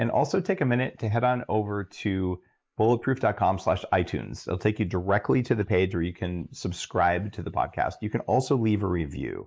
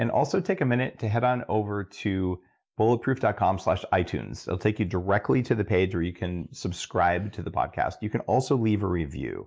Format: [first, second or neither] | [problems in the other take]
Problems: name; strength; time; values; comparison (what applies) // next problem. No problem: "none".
second | noise reduction (neural mask model Resemble Enhance denoiser)